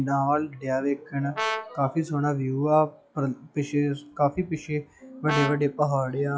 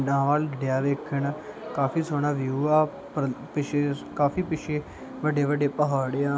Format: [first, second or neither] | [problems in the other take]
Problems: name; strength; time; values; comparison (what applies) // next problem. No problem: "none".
second | noise reduction (classical method log-MMSE)